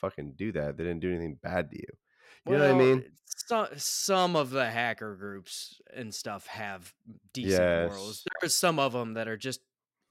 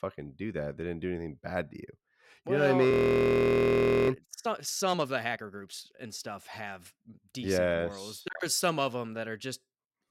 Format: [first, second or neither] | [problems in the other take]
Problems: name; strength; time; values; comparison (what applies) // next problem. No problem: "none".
first | audio freezing; at 3 s for 1 s